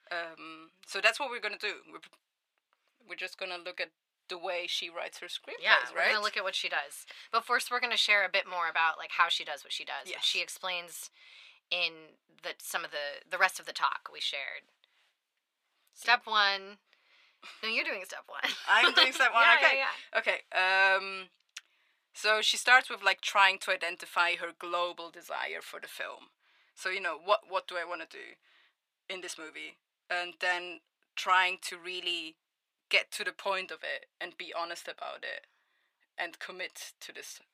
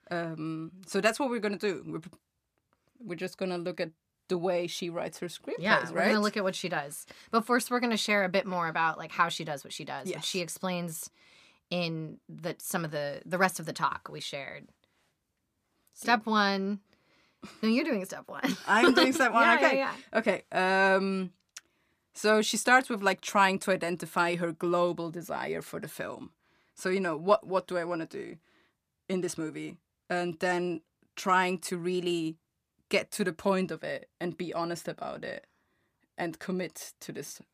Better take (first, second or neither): second